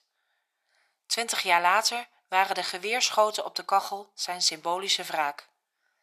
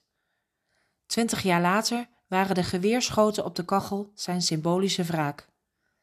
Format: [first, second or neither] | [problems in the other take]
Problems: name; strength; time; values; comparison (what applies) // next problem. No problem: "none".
second | thin; very; fading below 800 Hz